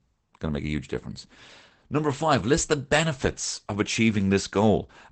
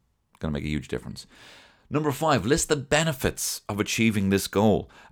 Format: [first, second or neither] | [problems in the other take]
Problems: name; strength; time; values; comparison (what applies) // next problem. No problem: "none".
second | garbled, watery; badly; nothing above 8 kHz